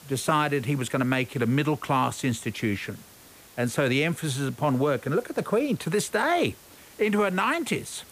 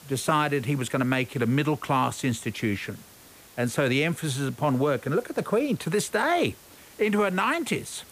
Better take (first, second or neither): neither